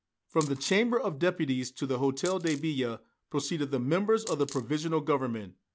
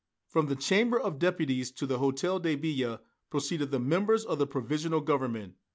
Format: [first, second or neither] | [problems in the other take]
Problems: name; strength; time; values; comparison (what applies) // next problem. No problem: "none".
second | background sound (Coin (dropping)); 14 dB below the speech